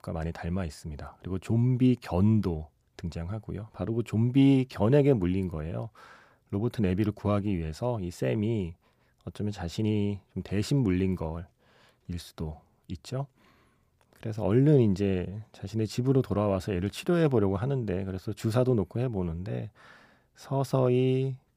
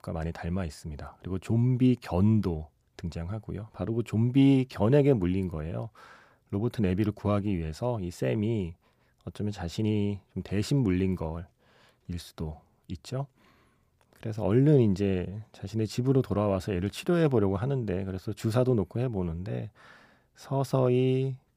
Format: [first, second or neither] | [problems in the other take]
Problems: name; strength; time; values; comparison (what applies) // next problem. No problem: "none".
neither | none